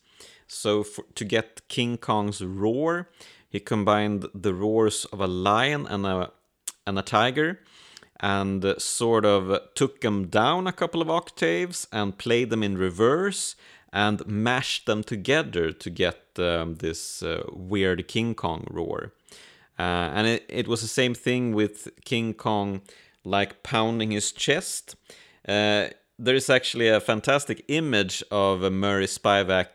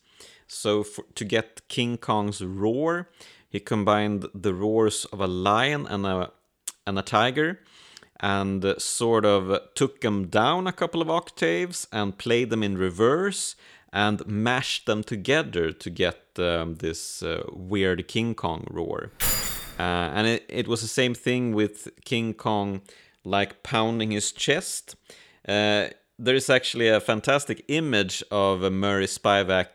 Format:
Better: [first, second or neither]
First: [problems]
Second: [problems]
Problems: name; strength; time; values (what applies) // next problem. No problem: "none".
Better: first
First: none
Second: jangling keys; loud; at 19 s; peak 2 dB above the speech